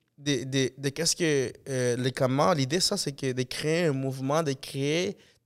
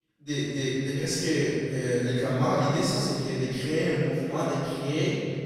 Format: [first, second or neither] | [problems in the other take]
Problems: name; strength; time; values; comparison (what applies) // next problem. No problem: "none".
first | off-mic speech; far // room echo; strong; dies away in 2.7 s